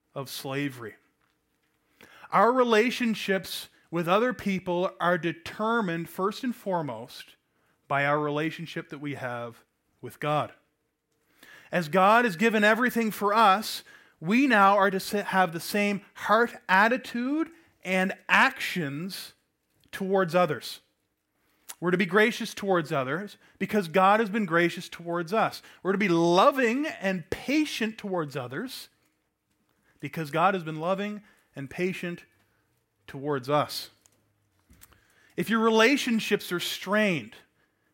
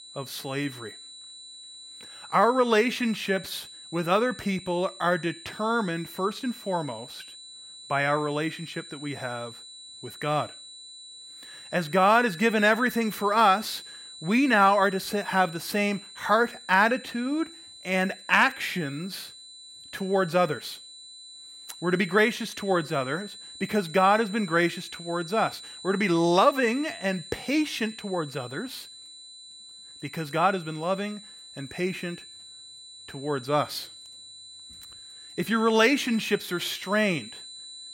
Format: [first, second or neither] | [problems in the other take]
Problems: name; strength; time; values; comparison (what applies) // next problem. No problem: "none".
first | high-pitched whine; noticeable; throughout; 4 kHz, 15 dB below the speech